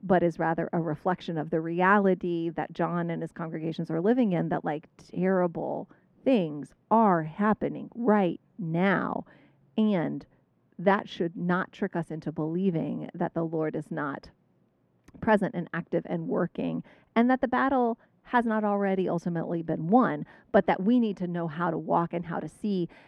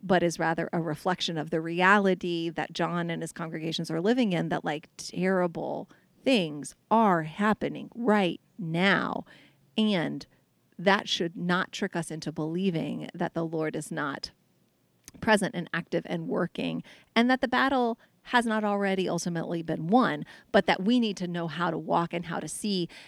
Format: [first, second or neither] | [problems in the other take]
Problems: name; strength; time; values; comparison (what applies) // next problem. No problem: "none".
second | muffled; very; fading above 2.5 kHz